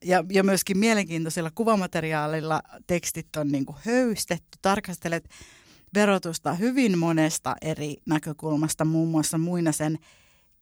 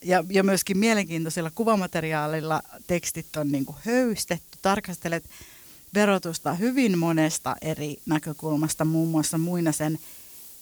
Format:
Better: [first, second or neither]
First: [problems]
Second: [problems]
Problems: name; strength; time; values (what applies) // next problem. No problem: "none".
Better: first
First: none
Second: hiss; noticeable; throughout; 20 dB below the speech